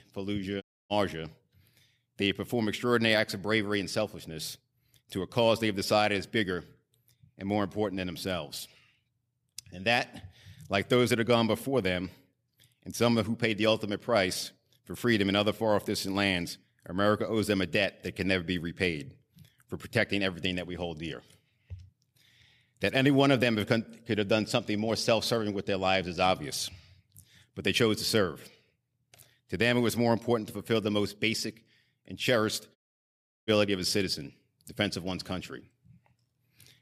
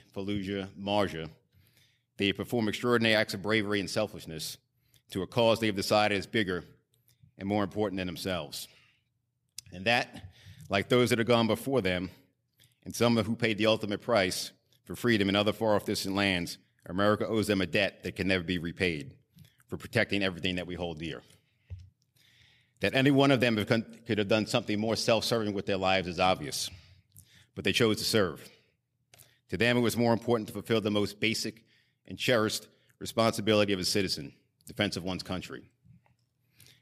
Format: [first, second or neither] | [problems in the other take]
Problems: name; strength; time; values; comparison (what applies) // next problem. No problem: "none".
second | audio cutting out; at 0.5 s and at 33 s for 0.5 s